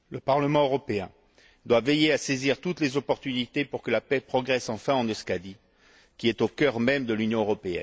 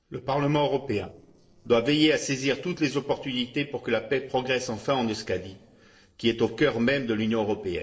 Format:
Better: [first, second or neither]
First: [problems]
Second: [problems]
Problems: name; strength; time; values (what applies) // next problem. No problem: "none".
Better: first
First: none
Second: noise reduction (neural separator model SepFormer DNS4)